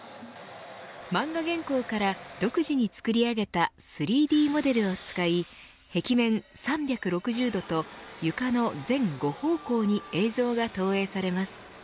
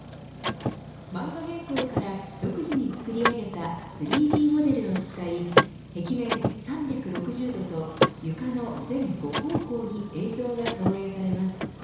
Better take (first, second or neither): first